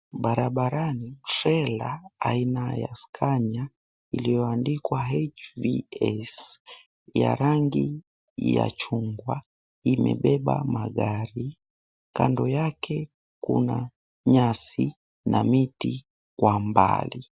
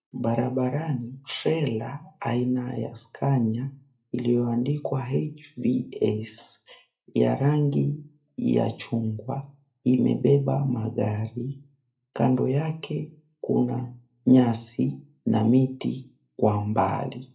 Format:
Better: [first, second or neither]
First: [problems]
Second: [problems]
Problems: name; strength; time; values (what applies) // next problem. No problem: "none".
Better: first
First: none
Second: room echo; dies away in 0.3 s